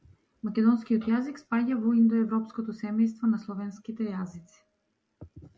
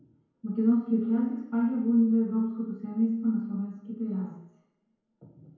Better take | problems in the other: first | room echo; dies away in 0.9 s

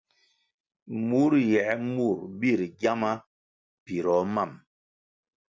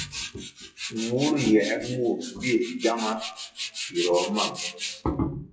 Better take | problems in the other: first | noise reduction (classical method WPE with log-MMSE)

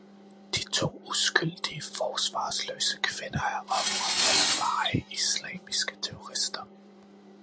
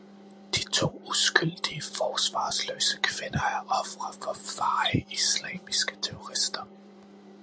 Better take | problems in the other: second | background sound (Tools); 3 dB above the speech

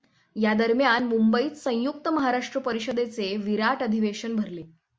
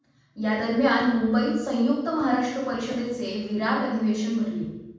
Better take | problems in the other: first | room echo; dies away in 1.2 s

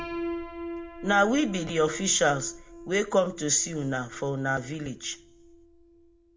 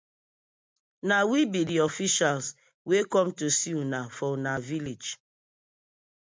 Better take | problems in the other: second | background sound (Piano); 12 dB below the speech // room echo; dies away in 0.3 s

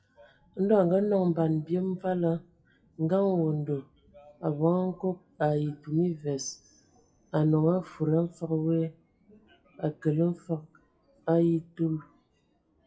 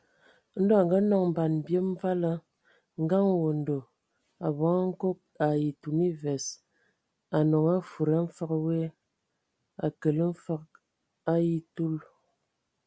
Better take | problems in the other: second | noise reduction (classical method WPE with log-MMSE)

